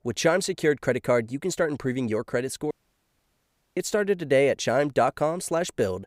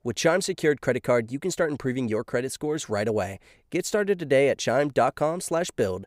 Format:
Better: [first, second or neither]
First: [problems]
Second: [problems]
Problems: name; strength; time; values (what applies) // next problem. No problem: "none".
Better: second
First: audio cutting out; at 2.5 s for 1 s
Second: none